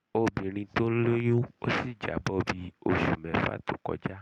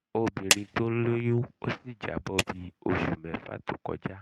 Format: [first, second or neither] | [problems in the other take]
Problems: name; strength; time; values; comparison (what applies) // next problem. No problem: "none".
first | noise reduction (neural mask model RNNoise)